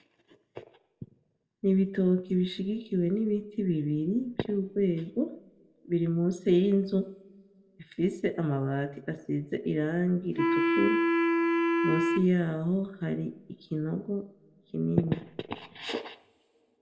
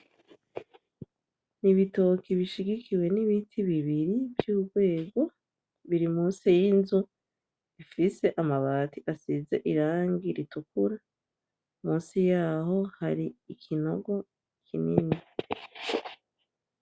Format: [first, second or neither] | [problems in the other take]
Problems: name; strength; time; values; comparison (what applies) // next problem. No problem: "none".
second | background sound (Wind instrument, woodwind instrument); 3 dB above the speech // room echo; dies away in 0.9 s